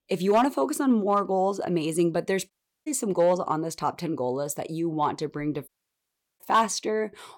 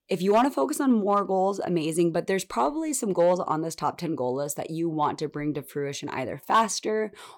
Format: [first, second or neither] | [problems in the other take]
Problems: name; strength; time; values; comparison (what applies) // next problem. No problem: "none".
second | audio cutting out; at 2.5 s and at 5.5 s for 0.5 s